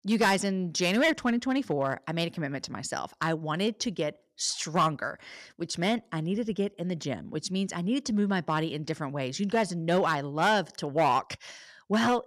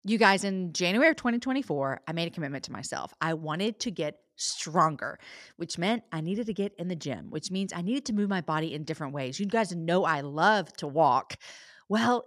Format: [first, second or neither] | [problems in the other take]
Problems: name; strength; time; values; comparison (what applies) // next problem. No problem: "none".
second | distortion; slight; 3% of the sound clipped